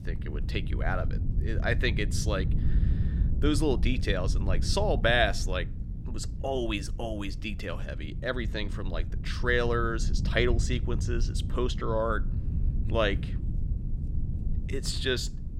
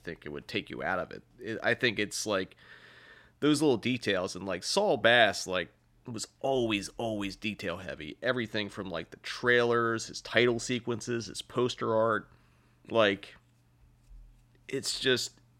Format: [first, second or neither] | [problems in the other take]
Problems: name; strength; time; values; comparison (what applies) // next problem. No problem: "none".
second | low rumble; noticeable; throughout; 15 dB below the speech